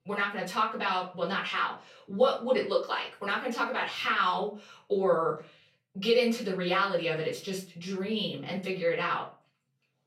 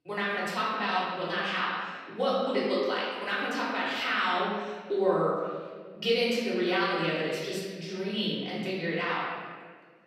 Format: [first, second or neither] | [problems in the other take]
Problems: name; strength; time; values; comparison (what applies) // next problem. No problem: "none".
first | room echo; strong; dies away in 1.5 s; slight in the first // off-mic speech; far; far in the first